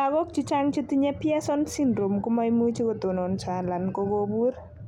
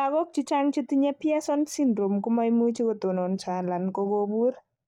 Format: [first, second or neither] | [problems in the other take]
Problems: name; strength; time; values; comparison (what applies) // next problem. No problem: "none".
first | noise reduction (neural mask model DeepFilterNet 3)